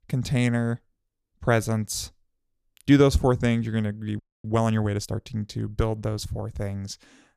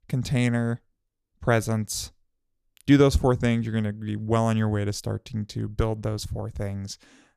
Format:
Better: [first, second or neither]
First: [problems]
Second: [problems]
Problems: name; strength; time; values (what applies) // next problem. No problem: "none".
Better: second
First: audio freezing; at 4 s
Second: none